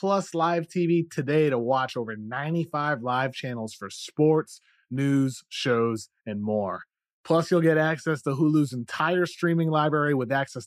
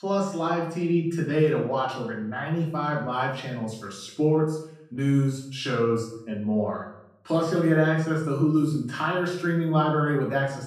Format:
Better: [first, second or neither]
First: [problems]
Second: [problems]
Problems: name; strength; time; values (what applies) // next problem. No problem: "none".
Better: first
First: none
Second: off-mic speech; far // room echo; noticeable; dies away in 0.6 s